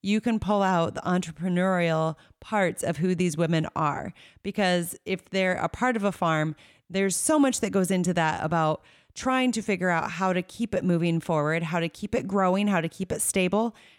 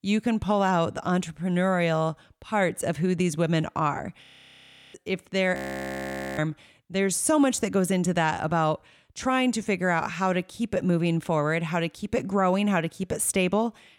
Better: first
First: none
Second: audio freezing; at 4 s for 0.5 s and at 5.5 s for 1 s

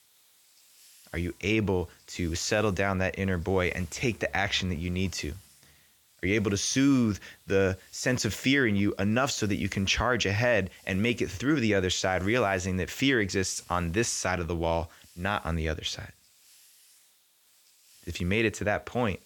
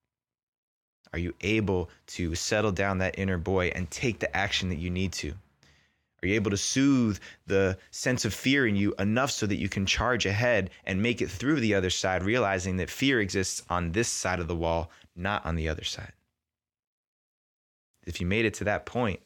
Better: second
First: hiss; faint; throughout; 30 dB below the speech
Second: none

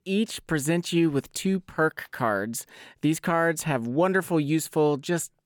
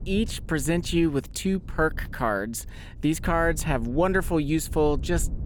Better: first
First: none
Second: low rumble; faint; throughout; 25 dB below the speech

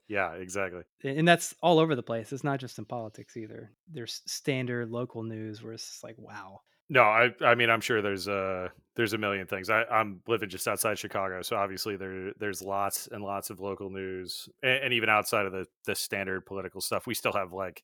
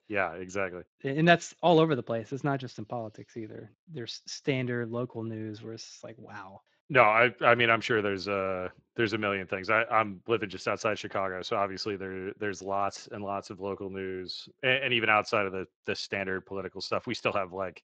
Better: first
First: none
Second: garbled, watery; slightly

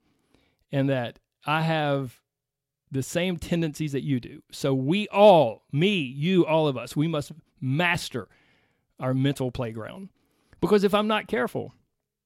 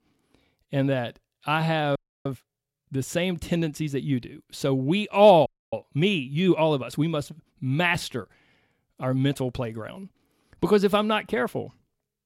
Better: first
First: none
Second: audio freezing; at 2 s and at 5.5 s

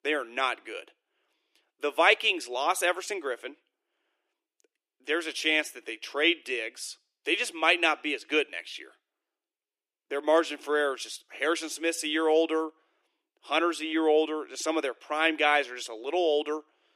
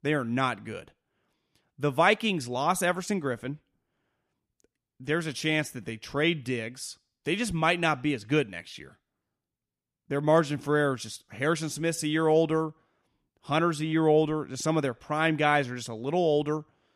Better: second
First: thin; very; fading below 300 Hz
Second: none

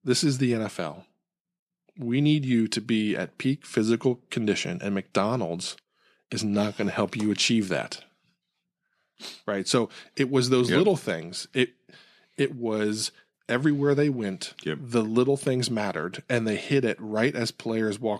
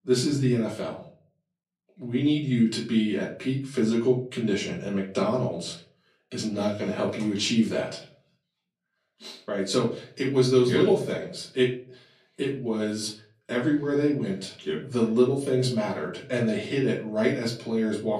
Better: first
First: none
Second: off-mic speech; far // room echo; slight; dies away in 0.4 s

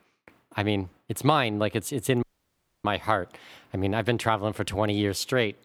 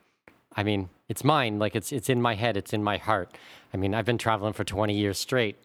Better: second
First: audio cutting out; at 2 s for 0.5 s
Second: none

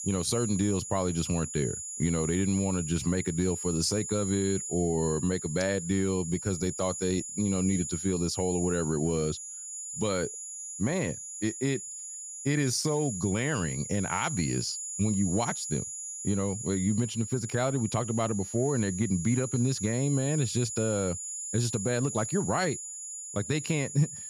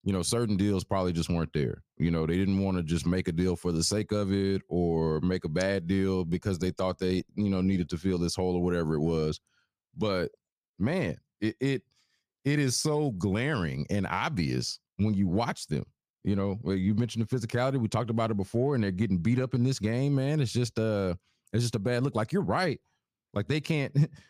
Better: second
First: high-pitched whine; loud; throughout; 7 kHz, 6 dB below the speech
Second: none

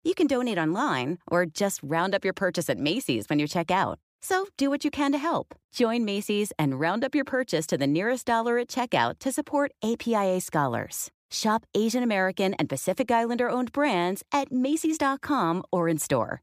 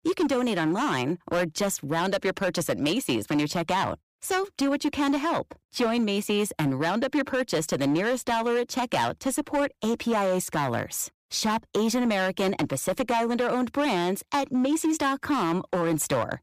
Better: first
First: none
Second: distortion; slight; 13% of the sound clipped

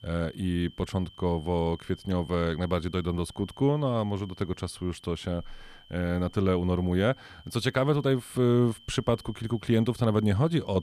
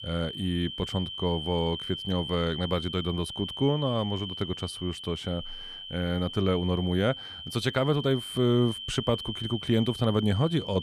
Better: first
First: high-pitched whine; faint; throughout; 3 kHz, 25 dB below the speech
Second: high-pitched whine; loud; throughout; 3 kHz, 8 dB below the speech

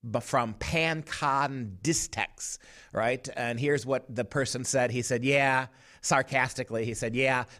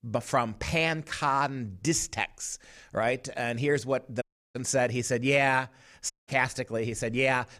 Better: first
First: none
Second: audio cutting out; at 4 s and at 6 s

